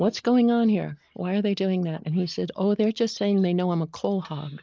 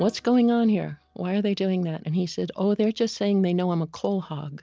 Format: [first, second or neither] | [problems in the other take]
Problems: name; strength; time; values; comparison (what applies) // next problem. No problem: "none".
second | noise reduction (neural mask model Resemble Enhance denoiser)